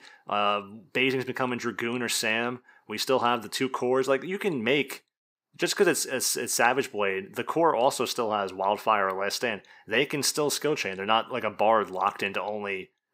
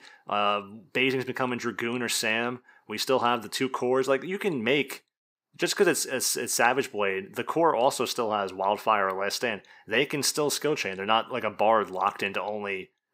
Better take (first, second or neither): neither